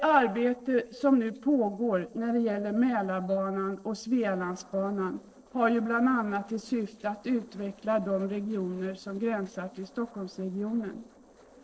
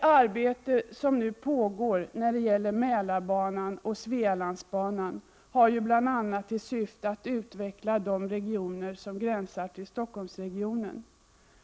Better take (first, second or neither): second